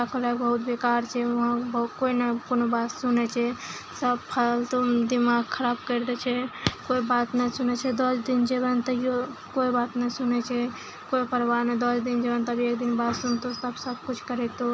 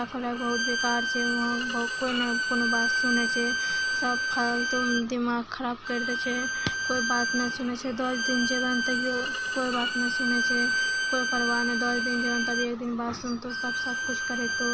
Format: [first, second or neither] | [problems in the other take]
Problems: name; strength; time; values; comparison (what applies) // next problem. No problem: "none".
first | background sound (Bowed string instrument); 1 dB above the speech